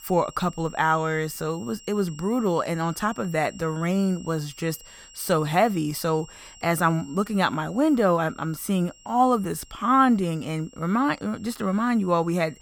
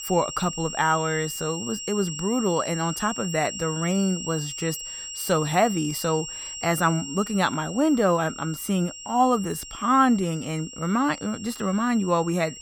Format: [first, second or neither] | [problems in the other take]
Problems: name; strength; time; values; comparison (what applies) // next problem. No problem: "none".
first | high-pitched whine; loud; throughout; 7.5 kHz, 9 dB below the speech; faint in the first